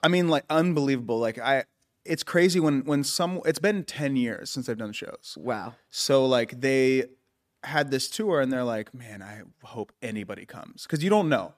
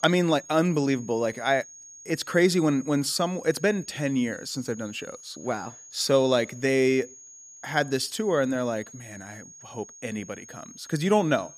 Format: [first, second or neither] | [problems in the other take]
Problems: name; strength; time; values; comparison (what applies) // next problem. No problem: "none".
first | high-pitched whine; noticeable; throughout; 6.5 kHz, 20 dB below the speech